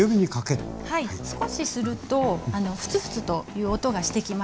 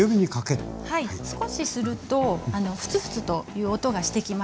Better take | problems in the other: second | background sound (Livestock, farm animals, working animals); 18 dB below the speech

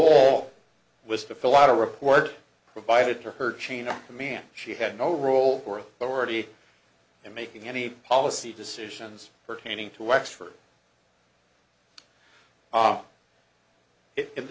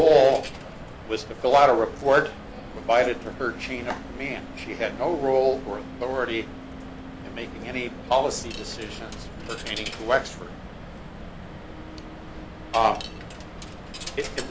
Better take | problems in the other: first | background sound (Coin (dropping)); 12 dB below the speech

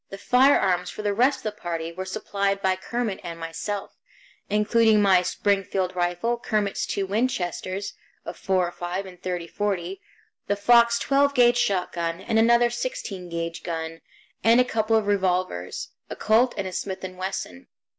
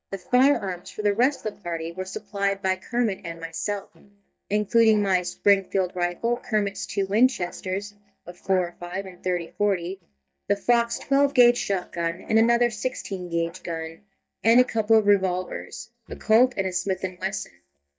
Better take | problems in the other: first | noise reduction (neural mask model DeepFilterNet 3)

